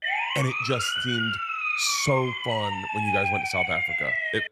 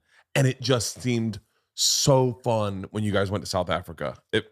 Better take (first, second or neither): second